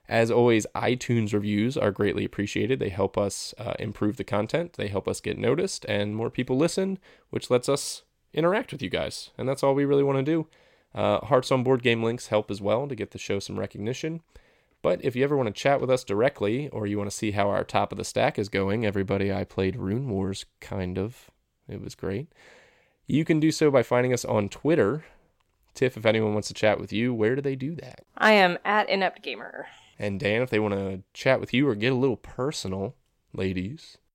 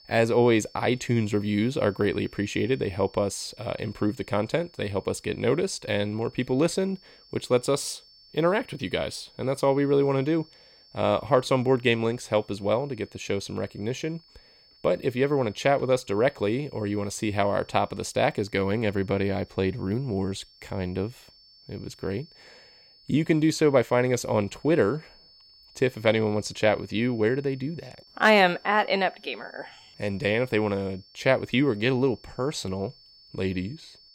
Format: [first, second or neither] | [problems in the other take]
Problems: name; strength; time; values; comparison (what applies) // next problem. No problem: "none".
first | high-pitched whine; faint; throughout; 5.5 kHz, 25 dB below the speech